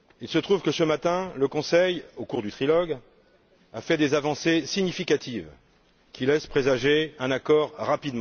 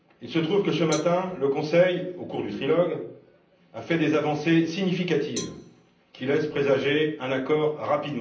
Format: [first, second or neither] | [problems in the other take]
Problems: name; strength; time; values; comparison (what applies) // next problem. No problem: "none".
first | background sound (Cowbell); 19 dB below the speech // room echo; dies away in 0.6 s